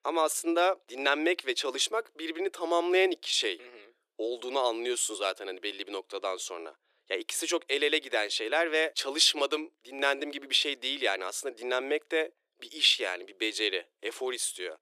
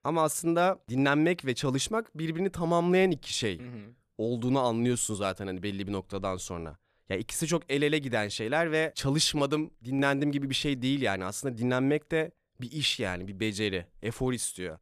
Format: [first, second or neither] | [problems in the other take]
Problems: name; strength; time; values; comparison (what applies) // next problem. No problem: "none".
second | thin; very; fading below 350 Hz